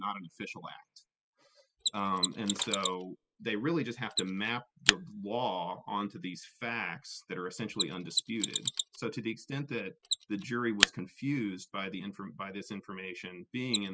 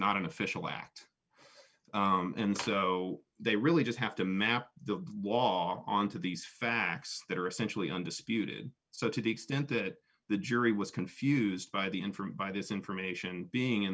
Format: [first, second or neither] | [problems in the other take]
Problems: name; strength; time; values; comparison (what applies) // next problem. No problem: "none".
second | noise reduction (classical method spectral subtraction)